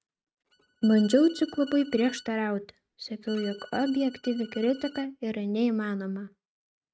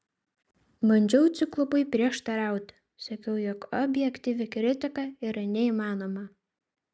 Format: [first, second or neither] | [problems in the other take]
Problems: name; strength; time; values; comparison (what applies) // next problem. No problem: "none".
second | noise reduction (neural mask model RNNoise)